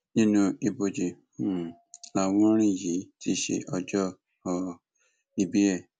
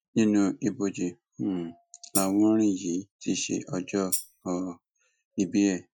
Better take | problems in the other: first | noise reduction (classical method Wiener filter)

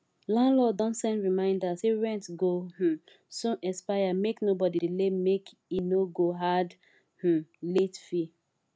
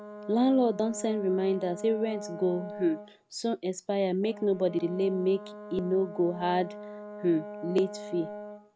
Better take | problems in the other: first | background sound (Brass instrument); 13 dB below the speech

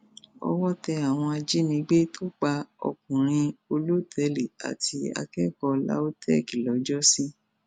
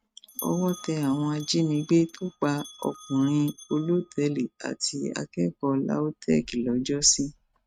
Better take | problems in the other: first | noise reduction (neural mask model RNNoise)

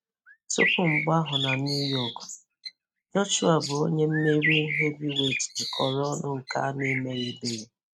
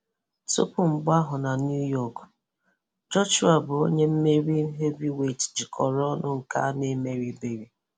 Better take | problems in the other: second | noise reduction (neural mask model RNNoise)

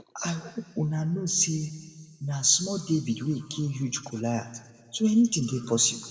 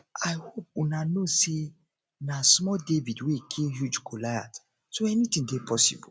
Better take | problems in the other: second | room echo; dies away in 1.5 s

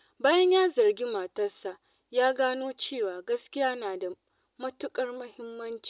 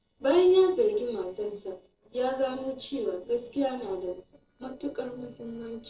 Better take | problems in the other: first | noise reduction (neural separator model SepFormer DNS4)

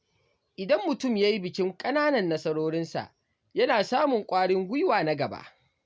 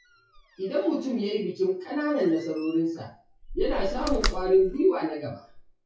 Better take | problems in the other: first | noise reduction (classical method WPE with log-MMSE)

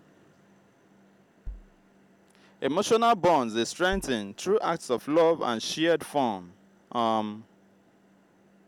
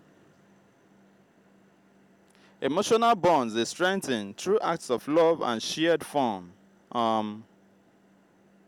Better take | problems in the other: second | background sound (Bass drum); 14 dB below the speech

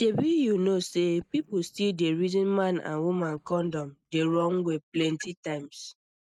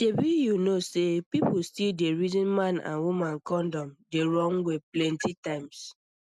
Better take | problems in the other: second | noise reduction (neural mask model DeepFilterNet 3)

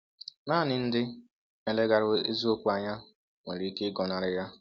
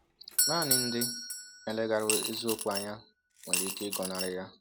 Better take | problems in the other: first | background sound (Doorbell + Coin (dropping) / Glass); 1 dB above the speech

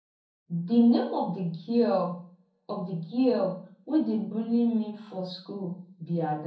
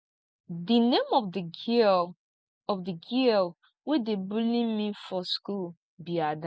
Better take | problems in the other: second | room echo; dies away in 0.6 s

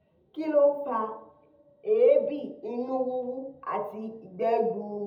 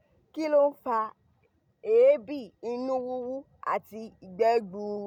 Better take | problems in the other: second | room echo; dies away in 0.8 s

